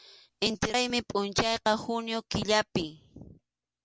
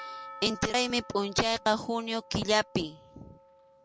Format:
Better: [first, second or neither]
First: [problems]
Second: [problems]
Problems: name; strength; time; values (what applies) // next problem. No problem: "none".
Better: first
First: none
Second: background sound (Percussion); 18 dB below the speech